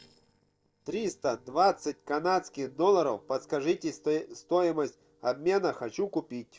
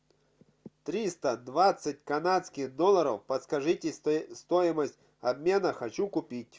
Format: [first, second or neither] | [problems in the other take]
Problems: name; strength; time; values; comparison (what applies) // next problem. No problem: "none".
second | noise reduction (neural separator model SepFormer DNS4)